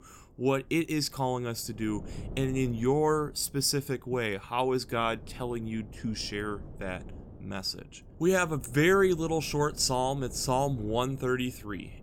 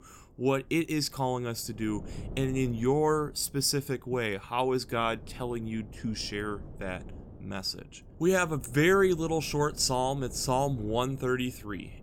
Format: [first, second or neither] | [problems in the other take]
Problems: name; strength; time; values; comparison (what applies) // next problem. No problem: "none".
neither | wind noise on the microphone; occasional gusts; 25 dB below the speech; the same in both